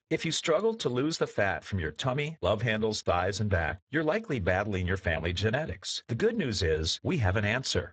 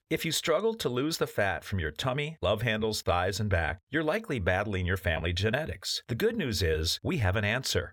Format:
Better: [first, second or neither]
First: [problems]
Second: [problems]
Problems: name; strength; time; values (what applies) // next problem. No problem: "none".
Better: second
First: garbled, watery; badly; nothing above 7.5 kHz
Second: none